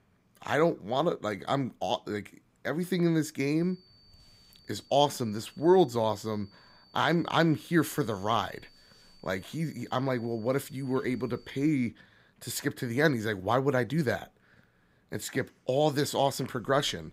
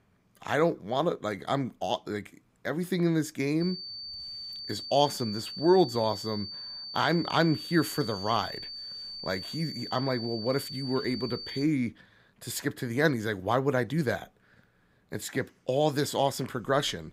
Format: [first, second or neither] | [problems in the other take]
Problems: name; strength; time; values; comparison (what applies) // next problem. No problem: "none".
first | high-pitched whine; loud; from 3.5 to 12 s; 4.5 kHz, 8 dB below the speech; faint in the first